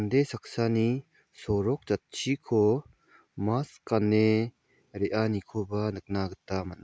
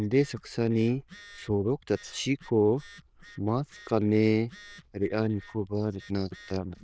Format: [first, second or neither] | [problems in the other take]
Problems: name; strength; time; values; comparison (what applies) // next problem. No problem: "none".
first | noise reduction (neural diffusion model UNIVERSE++)